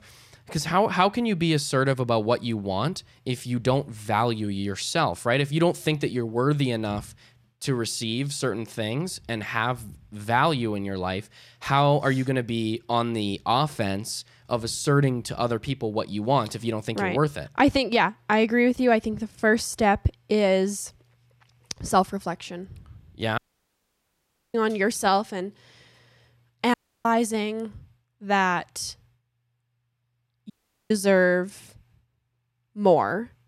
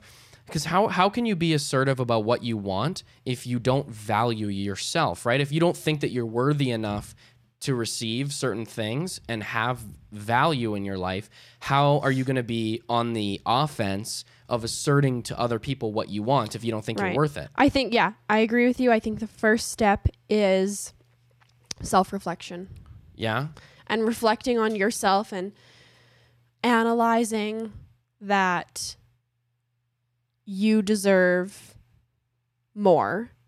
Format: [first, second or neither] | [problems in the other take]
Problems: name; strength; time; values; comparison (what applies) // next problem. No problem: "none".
second | audio cutting out; at 23 s for 1 s, at 27 s and at 31 s